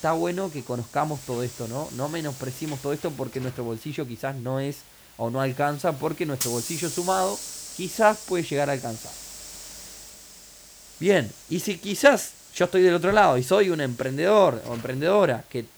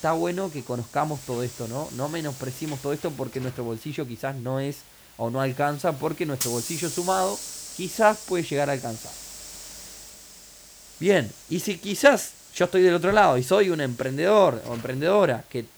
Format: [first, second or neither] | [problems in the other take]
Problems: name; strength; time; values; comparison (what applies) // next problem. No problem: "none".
neither | hiss; noticeable; throughout; 15 dB below the speech; the same in both